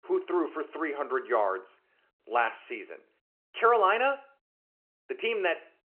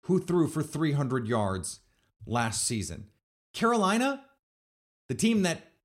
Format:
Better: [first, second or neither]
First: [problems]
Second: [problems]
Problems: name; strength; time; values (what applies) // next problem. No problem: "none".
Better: second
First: phone-call audio; nothing above 2.5 kHz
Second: none